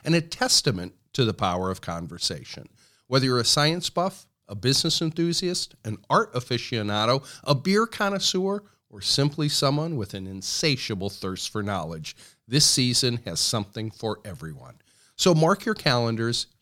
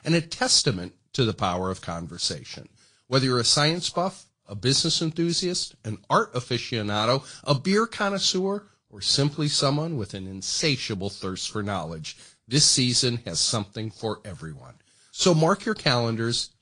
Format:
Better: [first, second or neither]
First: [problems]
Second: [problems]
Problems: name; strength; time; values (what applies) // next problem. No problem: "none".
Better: first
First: none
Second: garbled, watery; slightly; nothing above 9 kHz